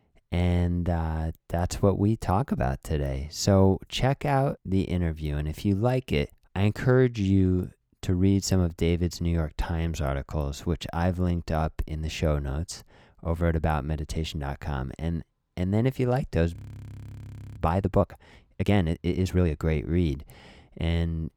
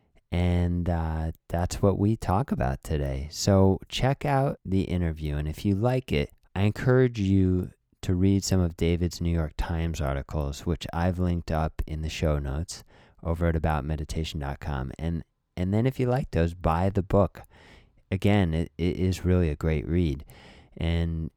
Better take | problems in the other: second | audio freezing; at 17 s for 1 s

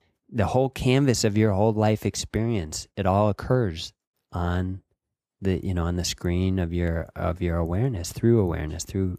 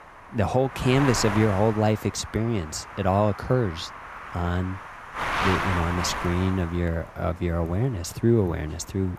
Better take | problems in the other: first | wind noise on the microphone; heavy; 2 dB below the speech

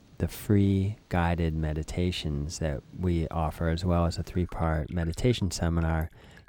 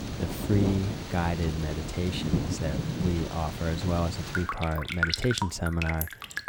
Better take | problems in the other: first | rain or running water; loud; throughout; 2 dB below the speech; faint in the first

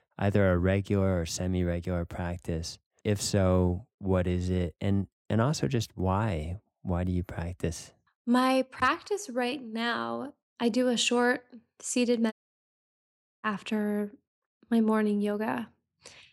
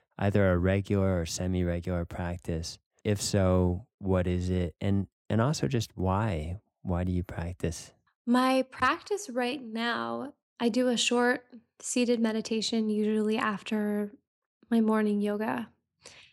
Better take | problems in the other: second | audio cutting out; at 12 s for 1 s

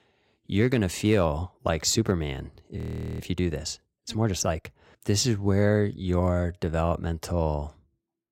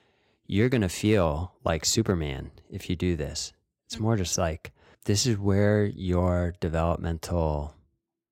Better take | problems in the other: second | audio freezing; at 3 s

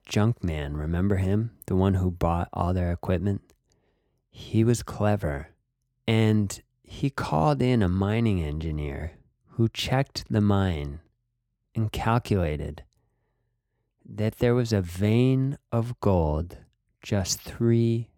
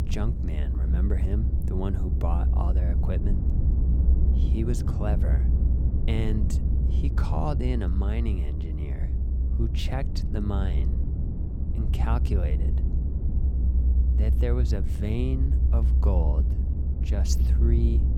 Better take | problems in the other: first | low rumble; loud; throughout; 5 dB below the speech

